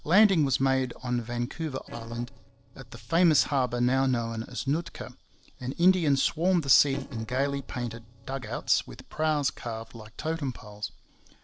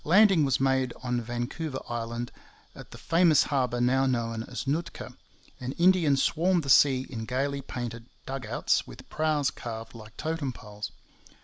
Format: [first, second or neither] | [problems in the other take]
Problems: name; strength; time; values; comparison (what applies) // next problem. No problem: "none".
second | noise reduction (neural separator model SepFormer DNS4)